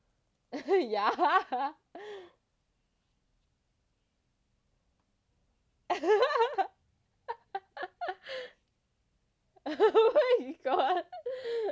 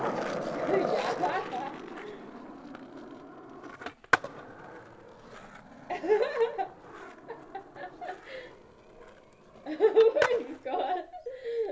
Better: first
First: none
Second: background sound (Skateboard); 5 dB below the speech // room echo; dies away in 0.3 s

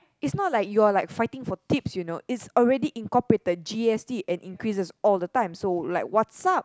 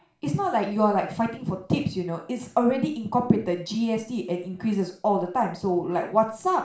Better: first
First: none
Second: room echo; dies away in 0.4 s

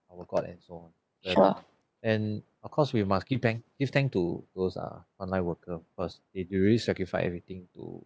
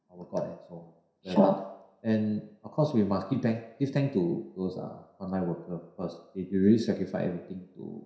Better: first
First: none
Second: room echo; dies away in 0.7 s

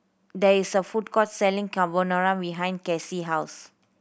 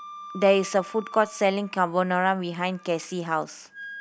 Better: first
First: none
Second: background sound (Wind instrument, woodwind instrument); 18 dB below the speech

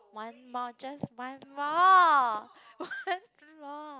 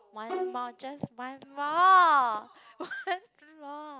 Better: first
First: none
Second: background sound (Bowed string instrument); 9 dB below the speech

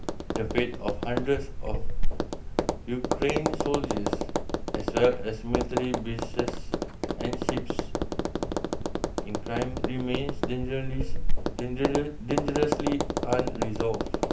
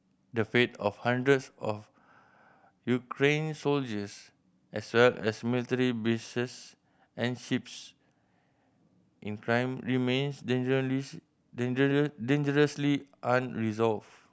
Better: second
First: background sound (Tap); 5 dB above the speech // room echo; dies away in 0.3 s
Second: none

